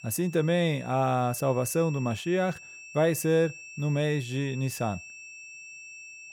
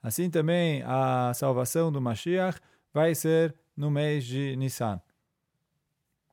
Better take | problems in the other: second | high-pitched whine; noticeable; throughout; 2.5 kHz, 15 dB below the speech

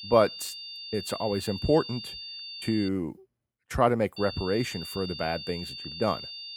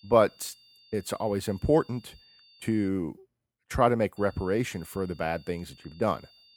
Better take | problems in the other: second | high-pitched whine; loud; until 3 s and from 4 s on; 4.5 kHz, 9 dB below the speech; faint in the second

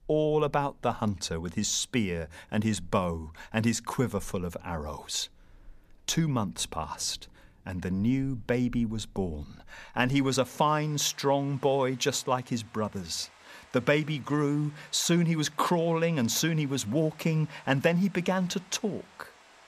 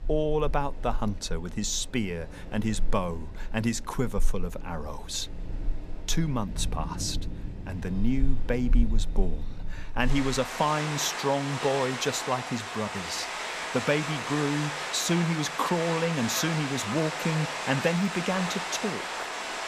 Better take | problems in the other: first | rain or running water; loud; throughout; 4 dB below the speech; faint in the first

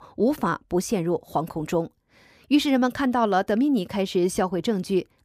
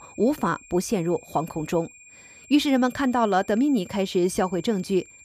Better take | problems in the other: first | high-pitched whine; faint; throughout; 2.5 kHz, 25 dB below the speech

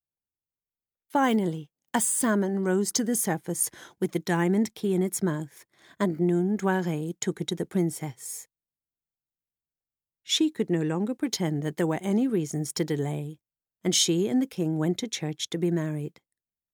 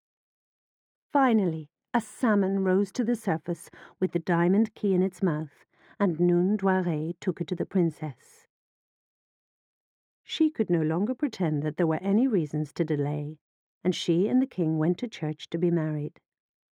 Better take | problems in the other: first | muffled; very; fading above 4 kHz

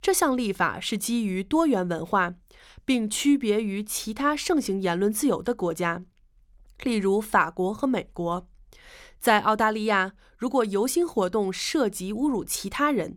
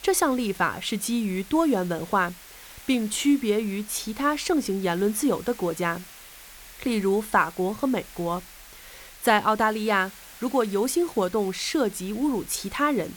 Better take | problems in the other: first | hiss; noticeable; throughout; 20 dB below the speech

